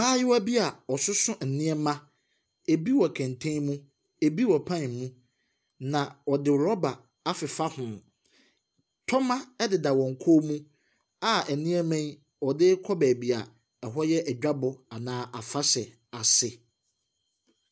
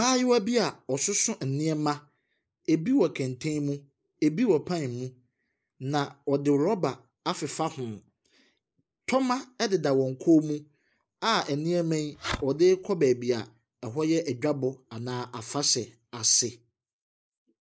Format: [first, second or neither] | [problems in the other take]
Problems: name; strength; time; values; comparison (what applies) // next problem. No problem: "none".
first | noise reduction (neural mask model Resemble Enhance denoiser)